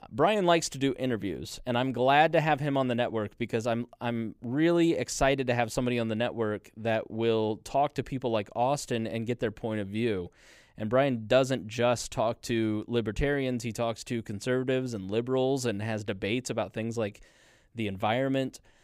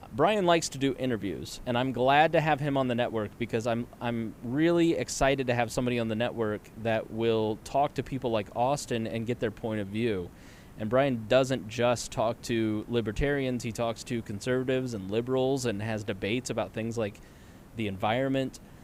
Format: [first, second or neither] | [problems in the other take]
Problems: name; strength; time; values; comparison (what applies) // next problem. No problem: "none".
first | hiss; faint; throughout; 25 dB below the speech